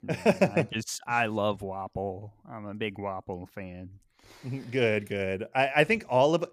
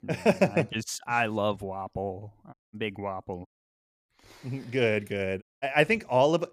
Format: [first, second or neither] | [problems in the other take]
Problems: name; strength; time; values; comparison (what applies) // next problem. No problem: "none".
first | audio cutting out; at 2.5 s, at 3.5 s for 0.5 s and at 5.5 s